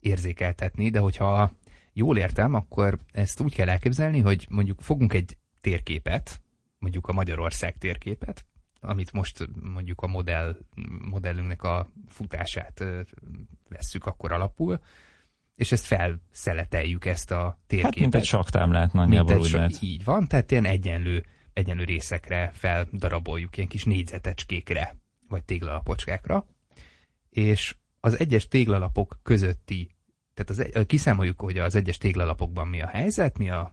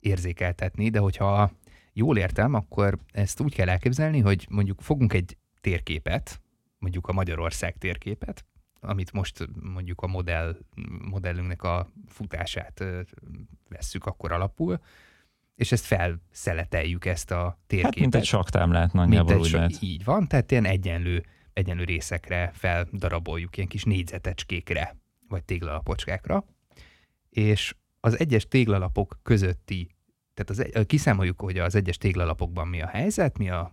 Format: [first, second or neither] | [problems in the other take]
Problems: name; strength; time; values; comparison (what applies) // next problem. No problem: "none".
second | garbled, watery; slightly